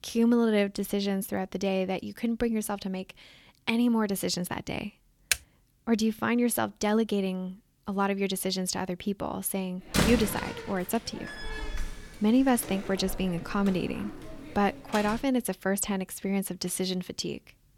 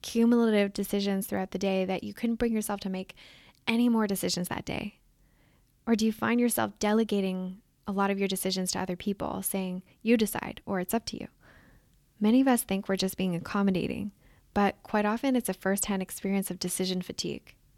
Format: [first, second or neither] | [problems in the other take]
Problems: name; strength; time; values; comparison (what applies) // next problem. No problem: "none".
second | keyboard typing; very faint; at 5.5 s; peak 1 dB below the speech // door banging; loud; from 10 to 15 s; peak 2 dB above the speech